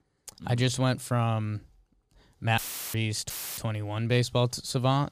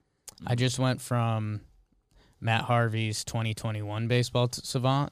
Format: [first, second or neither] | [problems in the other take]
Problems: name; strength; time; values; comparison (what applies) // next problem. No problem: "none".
second | audio cutting out; filled with static; at 2.5 s and at 3.5 s